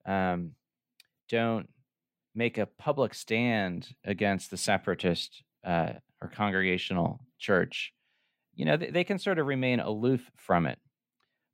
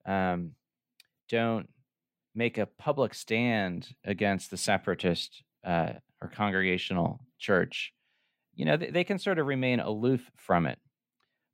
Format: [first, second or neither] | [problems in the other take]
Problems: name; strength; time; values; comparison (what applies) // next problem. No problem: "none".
neither | none